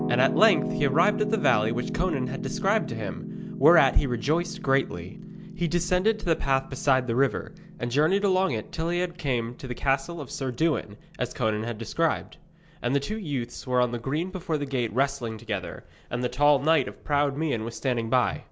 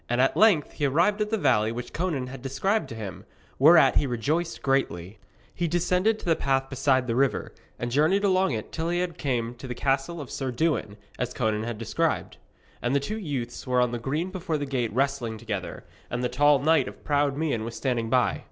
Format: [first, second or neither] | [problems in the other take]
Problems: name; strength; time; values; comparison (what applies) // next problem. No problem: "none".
second | background sound (Piano); 10 dB below the speech